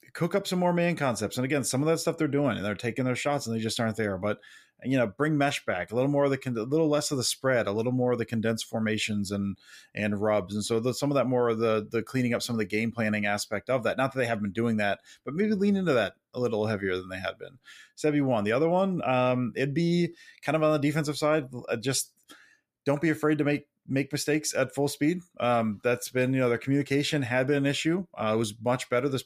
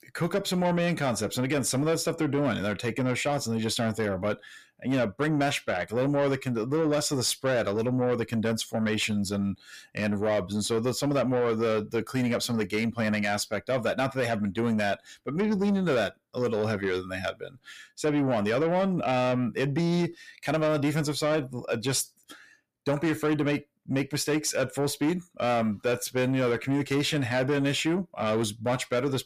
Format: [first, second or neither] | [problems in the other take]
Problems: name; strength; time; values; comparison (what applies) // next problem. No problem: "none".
first | distortion; slight; 10 dB below the speech